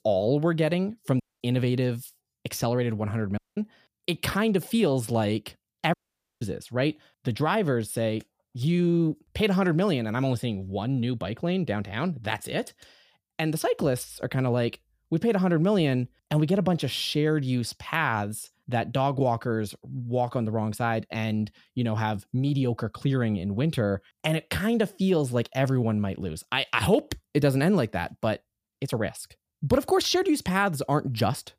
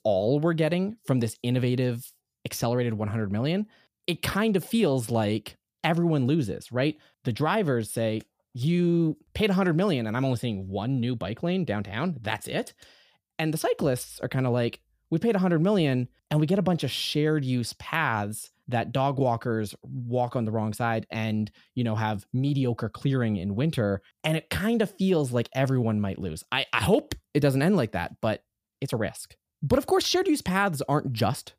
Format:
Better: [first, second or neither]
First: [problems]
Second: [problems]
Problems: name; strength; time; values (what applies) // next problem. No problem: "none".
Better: second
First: audio cutting out; at 1 s, at 3.5 s and at 6 s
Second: none